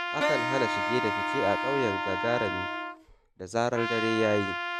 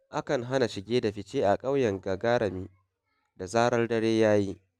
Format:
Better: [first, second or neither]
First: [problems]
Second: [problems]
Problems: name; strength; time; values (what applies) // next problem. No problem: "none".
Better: second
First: background sound (Trumpet + Wind instrument, woodwind instrument); 1 dB below the speech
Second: none